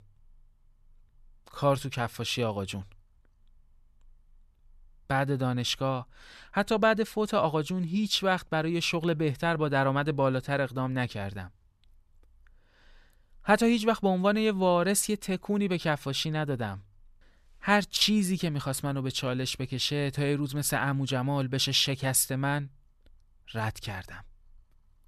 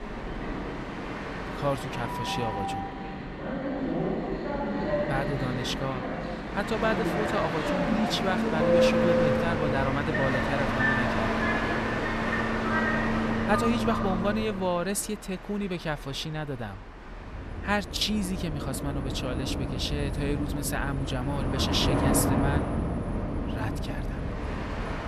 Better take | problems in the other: first | train or aircraft noise; very loud; throughout; 2 dB above the speech

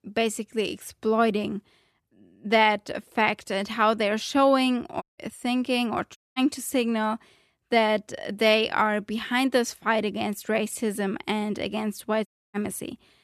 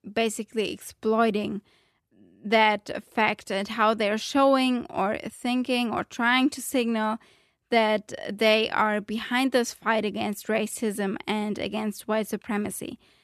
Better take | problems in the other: second | audio cutting out; at 5 s, at 6 s and at 12 s

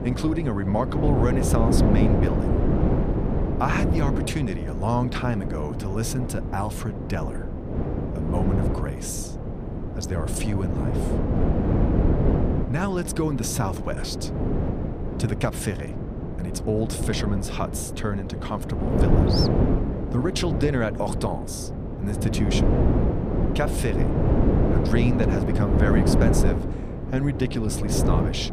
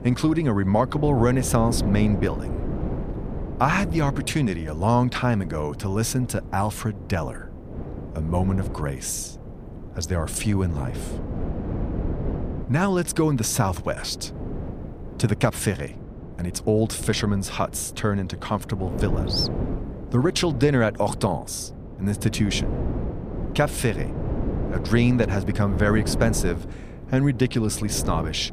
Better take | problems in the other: second | wind noise on the microphone; heavy; 1 dB below the speech; occasional gusts in the second

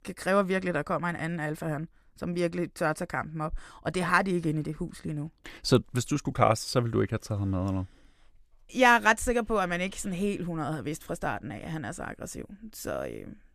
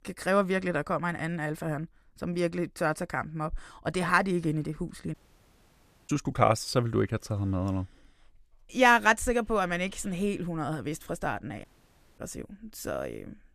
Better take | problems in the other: first | audio cutting out; at 5 s for 1 s and at 12 s for 0.5 s

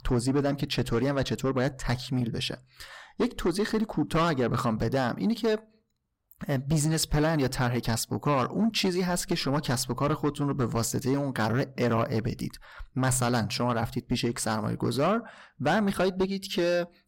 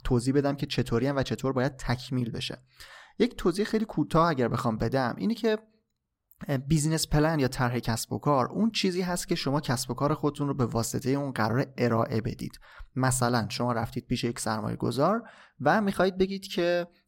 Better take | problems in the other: second | distortion; slight; 10 dB below the speech

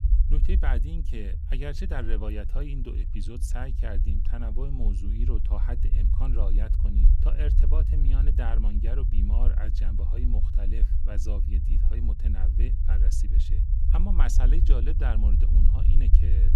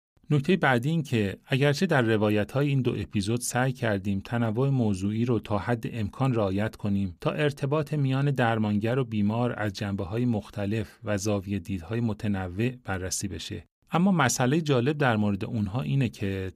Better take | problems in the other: second | low rumble; loud; throughout; 5 dB below the speech

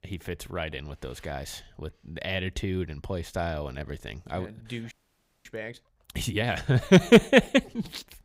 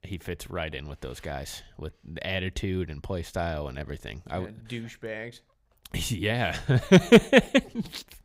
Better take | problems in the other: second | audio freezing; at 5 s for 0.5 s

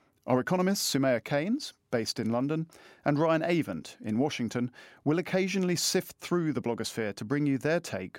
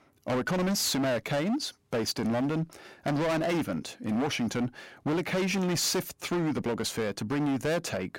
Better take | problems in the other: first | distortion; heavy; 24% of the sound clipped

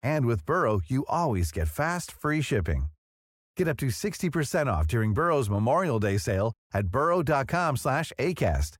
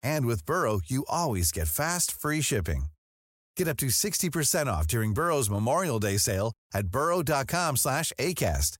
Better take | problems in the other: second | muffled; slightly; fading above 4 kHz

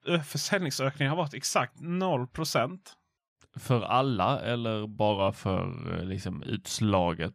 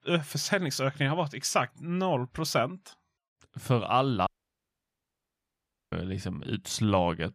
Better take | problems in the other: first | audio cutting out; at 4.5 s for 1.5 s

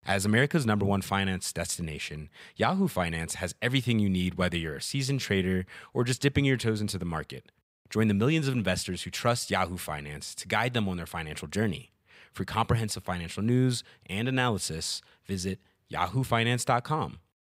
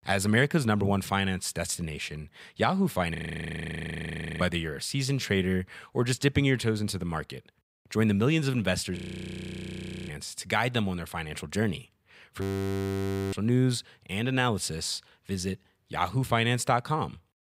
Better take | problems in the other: first | audio freezing; at 3 s for 1.5 s, at 9 s for 1 s and at 12 s for 1 s

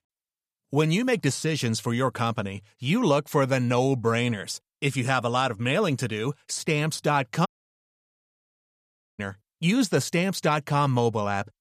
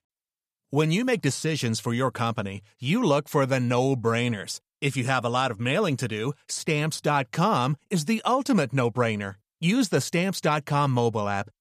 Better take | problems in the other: second | audio cutting out; at 7.5 s for 1.5 s

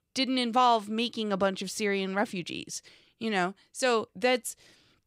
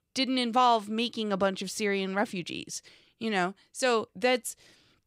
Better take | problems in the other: neither | none

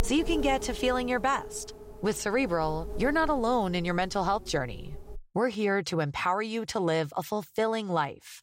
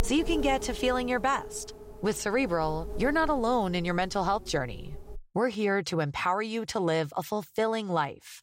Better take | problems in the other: neither | wind noise on the microphone; occasional gusts; until 5 s; 15 dB below the speech; the same in both

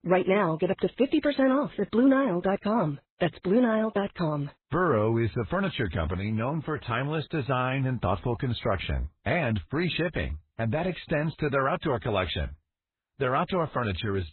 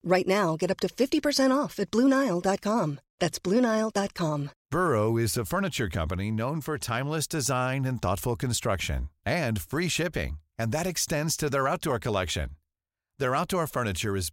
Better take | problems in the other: second | garbled, watery; badly; nothing above 4 kHz

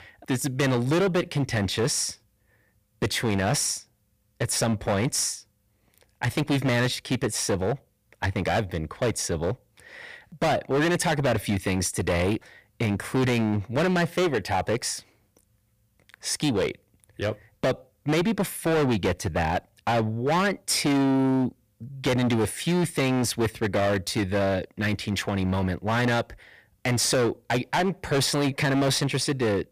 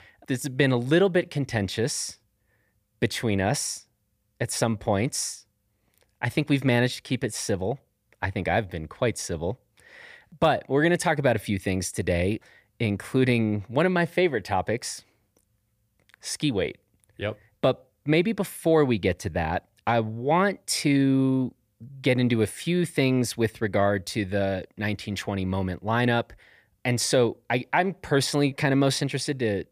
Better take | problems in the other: second | distortion; heavy; 16% of the sound clipped

